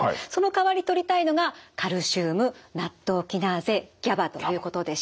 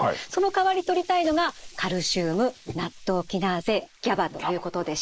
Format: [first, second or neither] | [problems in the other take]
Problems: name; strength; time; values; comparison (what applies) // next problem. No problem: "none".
first | noise reduction (neural mask model Resemble Enhance denoiser)